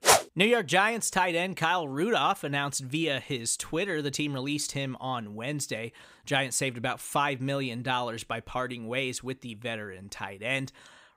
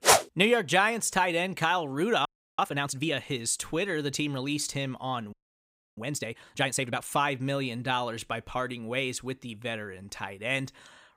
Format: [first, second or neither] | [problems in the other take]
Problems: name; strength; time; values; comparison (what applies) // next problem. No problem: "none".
first | audio freezing; at 2.5 s and at 5.5 s for 0.5 s